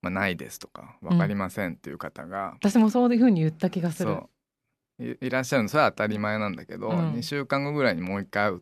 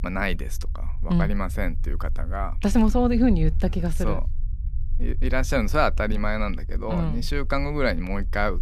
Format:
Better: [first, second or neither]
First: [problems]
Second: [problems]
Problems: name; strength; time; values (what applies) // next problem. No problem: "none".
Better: first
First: none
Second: low rumble; faint; throughout; 25 dB below the speech